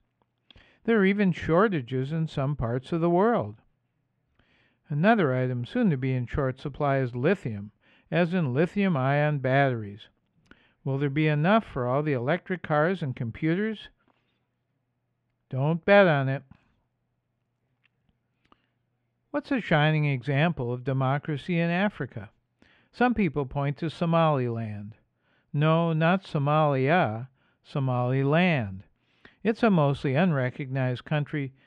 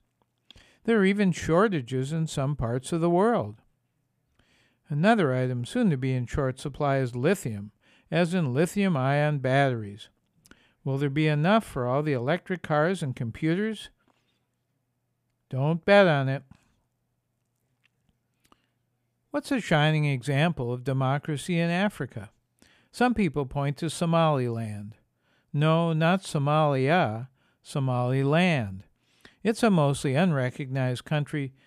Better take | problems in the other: second | muffled; slightly; fading above 2.5 kHz

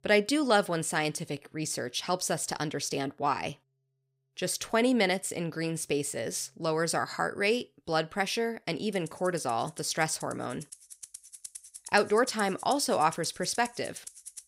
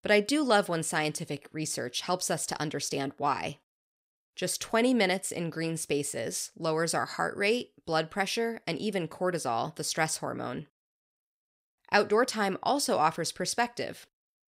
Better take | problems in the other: second | background music; noticeable; throughout; 15 dB below the speech

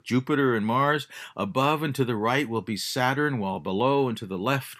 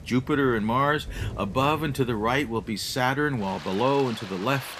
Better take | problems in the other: first | rain or running water; noticeable; throughout; 15 dB below the speech

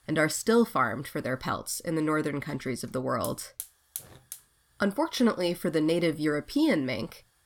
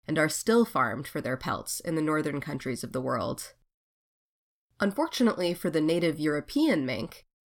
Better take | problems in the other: second | hiss; noticeable; throughout; 15 dB below the speech

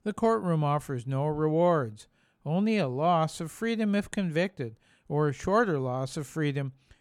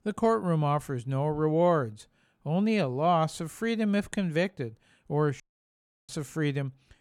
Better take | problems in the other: first | audio cutting out; at 5.5 s for 0.5 s

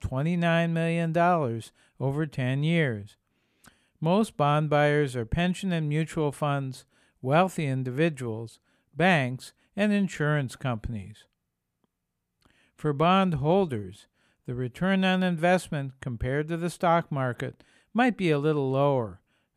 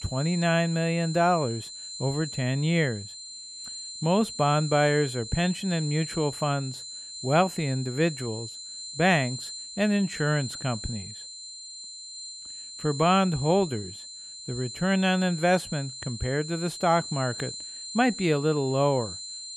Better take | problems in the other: first | high-pitched whine; noticeable; throughout; 4 kHz, 10 dB below the speech

